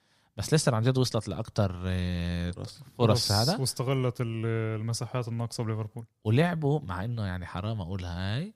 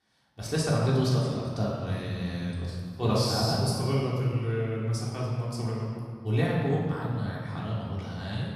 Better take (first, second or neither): first